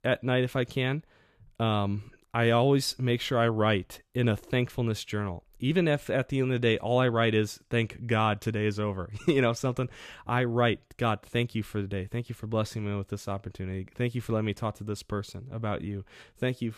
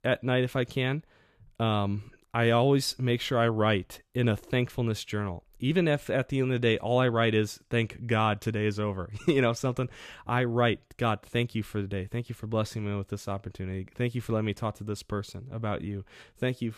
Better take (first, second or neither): neither